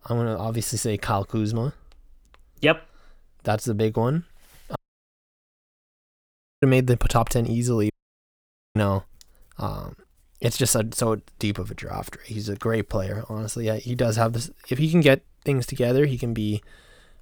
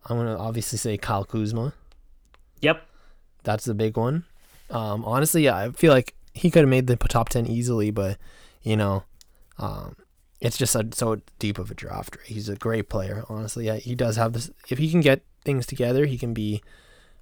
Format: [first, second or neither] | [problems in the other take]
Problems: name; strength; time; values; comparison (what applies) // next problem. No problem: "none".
second | audio cutting out; at 5 s for 2 s and at 8 s for 1 s